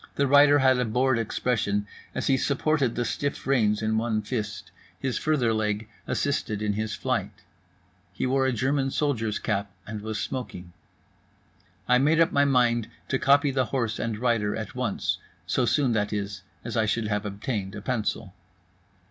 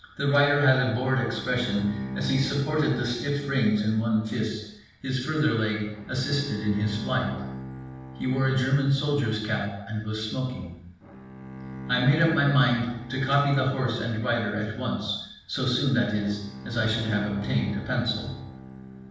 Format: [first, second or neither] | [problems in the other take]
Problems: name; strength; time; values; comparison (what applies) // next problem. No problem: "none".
first | background sound (Bowed string instrument); 13 dB below the speech // room echo; dies away in 0.7 s